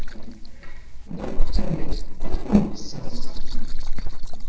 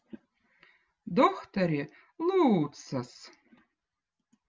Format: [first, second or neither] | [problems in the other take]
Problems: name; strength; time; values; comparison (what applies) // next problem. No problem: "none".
second | noise reduction (neural separator model SepFormer DNS4)